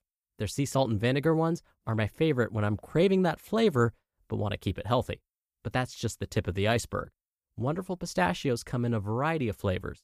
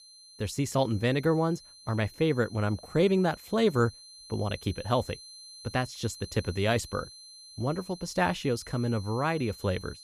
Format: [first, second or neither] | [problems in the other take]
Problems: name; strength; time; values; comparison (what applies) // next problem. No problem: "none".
first | high-pitched whine; noticeable; throughout; 4 kHz, 20 dB below the speech